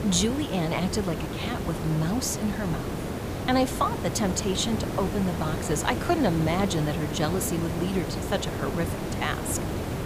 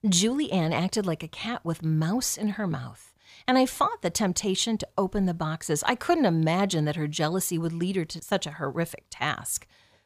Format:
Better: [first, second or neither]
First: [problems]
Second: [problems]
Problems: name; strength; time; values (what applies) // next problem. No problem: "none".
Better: second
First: hiss; loud; throughout; 3 dB below the speech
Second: none